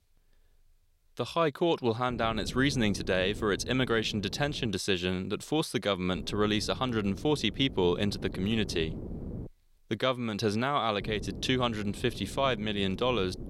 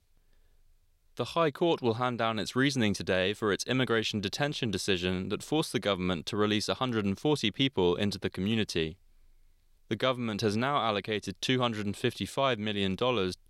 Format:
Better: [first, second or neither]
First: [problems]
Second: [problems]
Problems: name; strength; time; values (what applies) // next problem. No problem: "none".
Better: second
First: wind noise on the microphone; occasional gusts; from 2 to 4.5 s, from 6 to 9.5 s and from 11 s on; 20 dB below the speech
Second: none